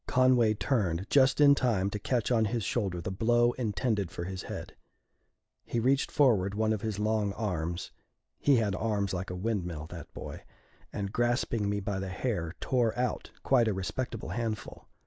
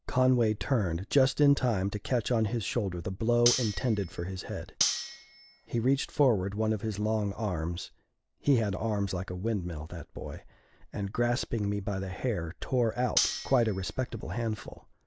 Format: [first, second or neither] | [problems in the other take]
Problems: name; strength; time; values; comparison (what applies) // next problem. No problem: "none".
first | background sound (Cutlery, silverware); 6 dB below the speech